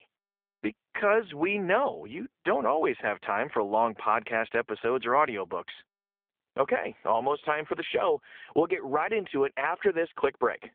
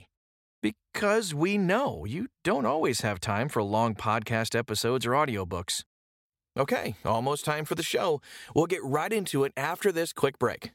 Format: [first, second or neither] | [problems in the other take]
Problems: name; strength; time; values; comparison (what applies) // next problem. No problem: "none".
second | phone-call audio